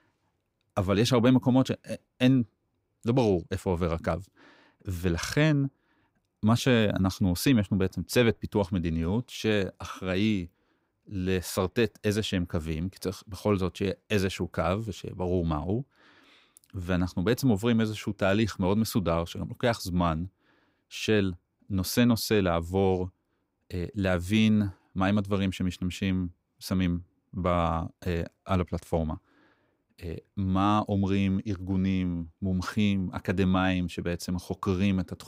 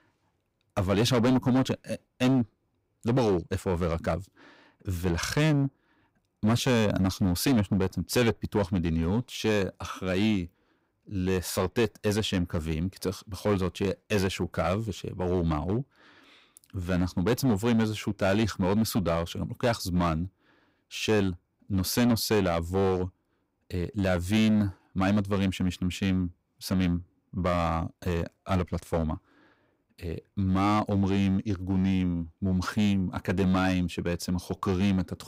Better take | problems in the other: first | distortion; slight; 7% of the sound clipped

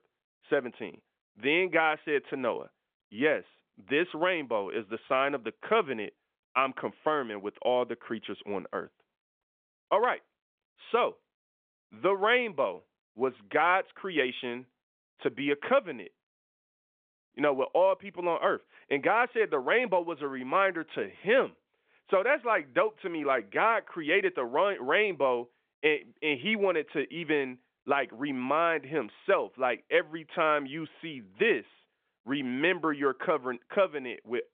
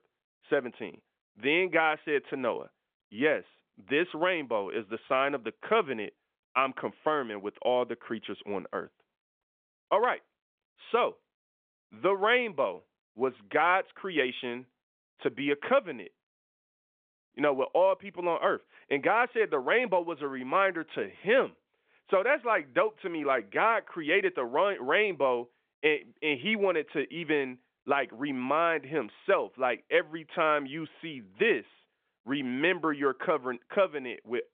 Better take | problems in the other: neither | phone-call audio; nothing above 3.5 kHz; the same in both

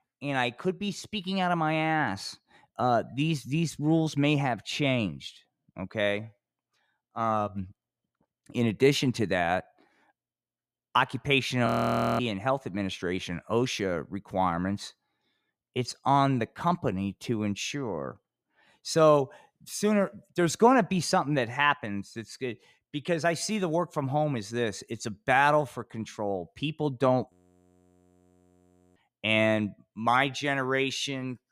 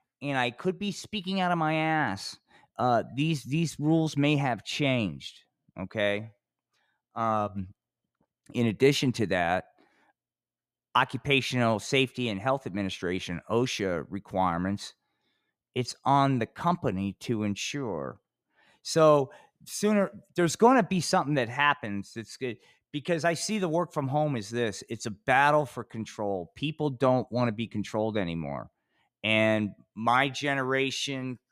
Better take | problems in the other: second | audio freezing; at 12 s for 0.5 s and at 27 s for 1.5 s

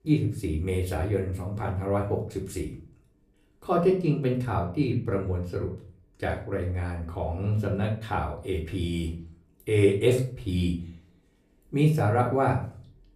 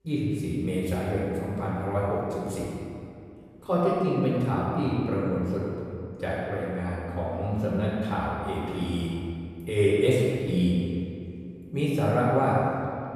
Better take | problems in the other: first | room echo; strong; dies away in 2.2 s; slight in the first // off-mic speech; far; far in the first

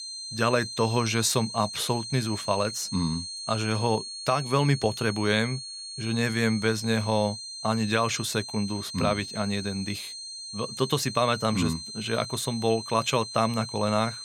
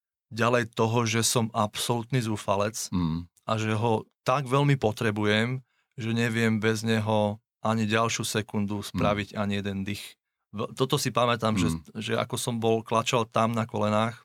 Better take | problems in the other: second | high-pitched whine; loud; throughout; 4 kHz, 8 dB below the speech

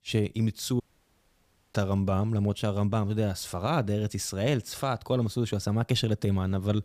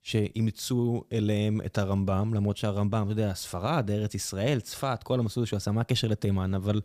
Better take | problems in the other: second | audio cutting out; at 1 s for 1 s

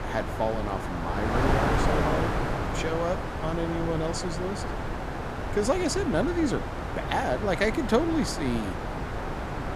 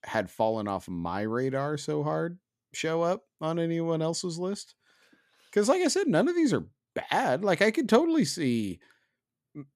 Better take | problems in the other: second | wind noise on the microphone; heavy; 2 dB below the speech

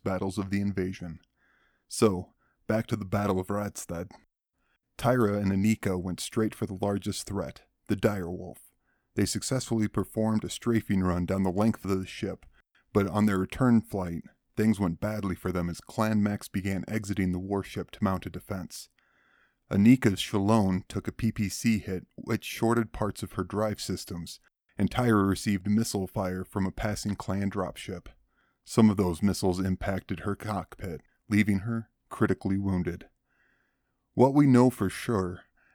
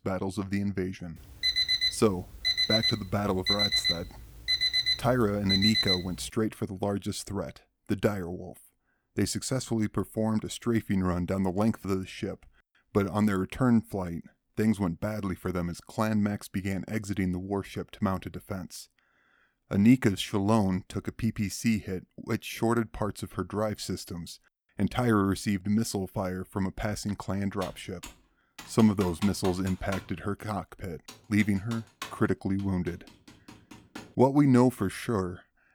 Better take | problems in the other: first | alarm; loud; from 1.5 to 6.5 s; peak 6 dB above the speech // keyboard typing; faint; from 28 to 34 s; peak 10 dB below the speech

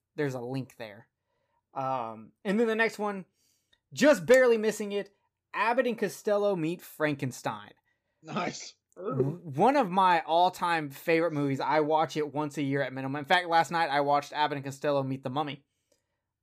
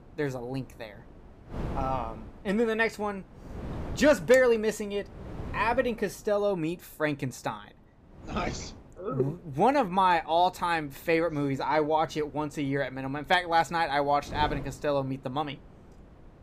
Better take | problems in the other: first | wind noise on the microphone; occasional gusts; 20 dB below the speech

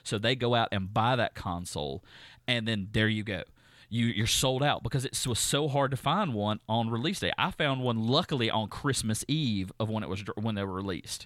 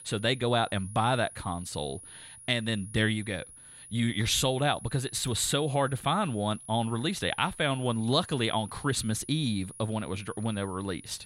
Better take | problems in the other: first | high-pitched whine; noticeable; throughout; 10.5 kHz, 15 dB below the speech

